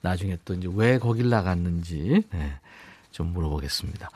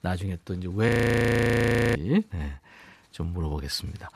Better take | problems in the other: first | audio freezing; at 1 s for 1 s

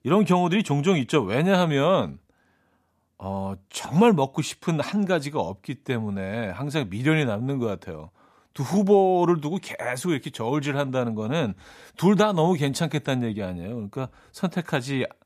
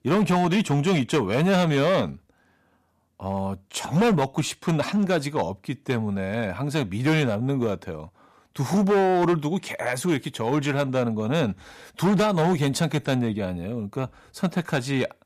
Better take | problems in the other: first | distortion; slight; 8% of the sound clipped

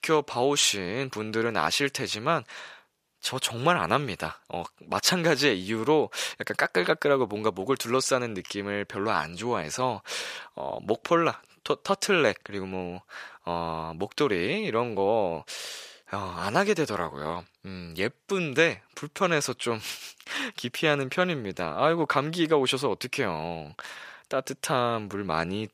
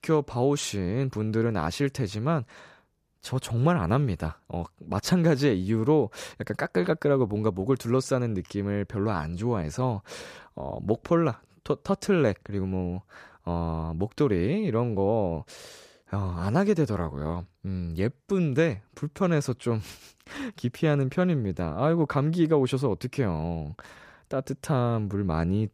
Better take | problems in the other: second | thin; somewhat; fading below 1 kHz

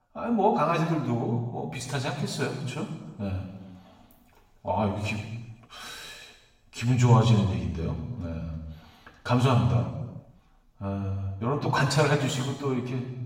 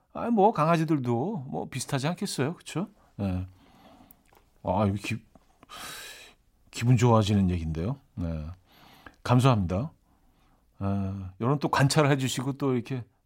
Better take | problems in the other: second | room echo; noticeable; dies away in 1 s // off-mic speech; far

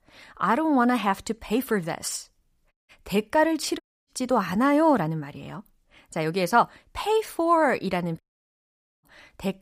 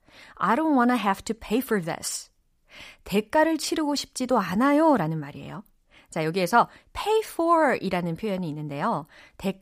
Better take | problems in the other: second | audio cutting out; at 2.5 s, at 4 s and at 8 s for 1 s

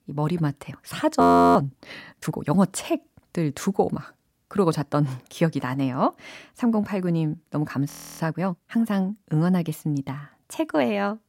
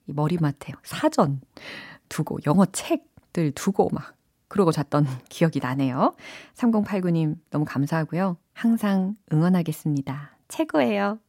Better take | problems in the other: second | audio freezing; at 1 s and at 8 s

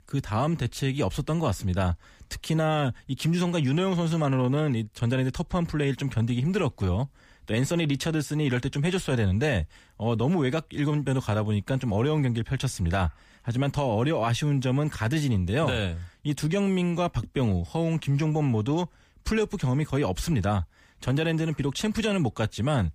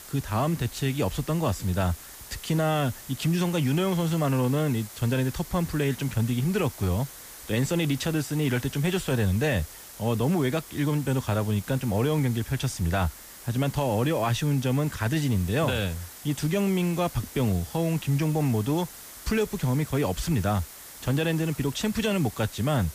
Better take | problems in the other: first | hiss; noticeable; throughout; 15 dB below the speech

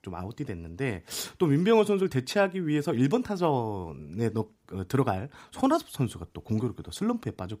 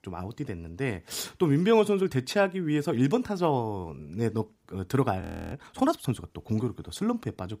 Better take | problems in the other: first | audio freezing; at 5 s

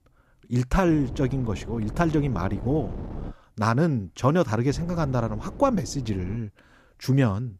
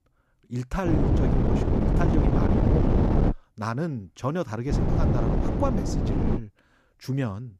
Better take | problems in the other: first | wind noise on the microphone; heavy; from 1 to 3.5 s and from 4.5 to 6.5 s; 3 dB above the speech; occasional gusts in the first

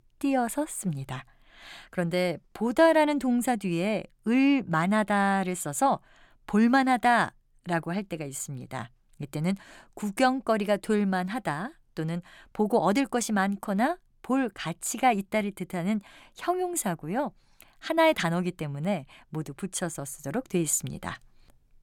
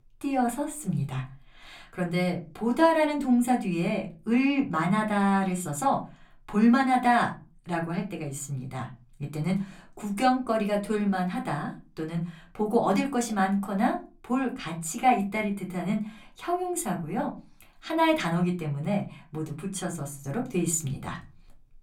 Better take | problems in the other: first | off-mic speech; somewhat distant // room echo; very slight; dies away in 0.3 s

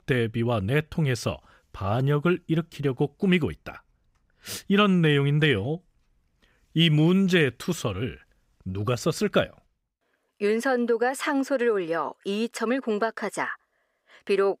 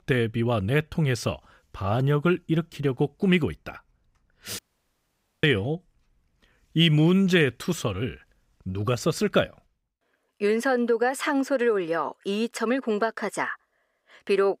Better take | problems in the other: first | audio cutting out; at 4.5 s for 1 s

